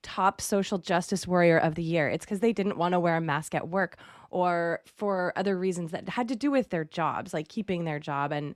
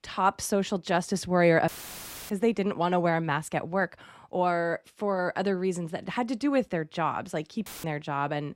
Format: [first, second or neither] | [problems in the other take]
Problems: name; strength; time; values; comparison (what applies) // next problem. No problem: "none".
first | audio cutting out; filled with static; at 1.5 s for 0.5 s and at 7.5 s